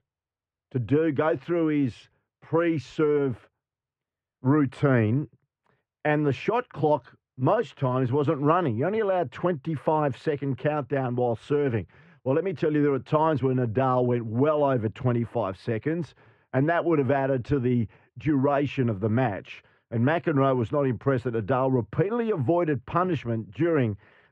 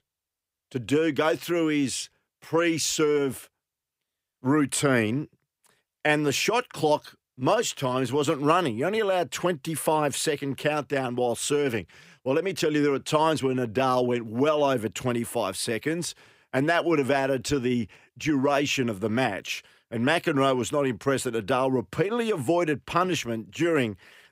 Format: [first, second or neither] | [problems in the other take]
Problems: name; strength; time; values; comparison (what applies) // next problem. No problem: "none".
second | muffled; very; fading above 1.5 kHz